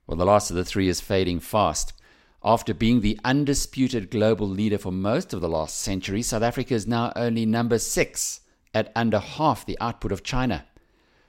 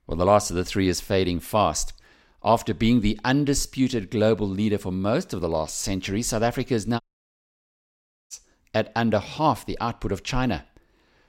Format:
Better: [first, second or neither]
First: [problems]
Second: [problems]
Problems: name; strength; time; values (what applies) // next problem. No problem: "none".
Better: first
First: none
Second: audio cutting out; at 7 s for 1.5 s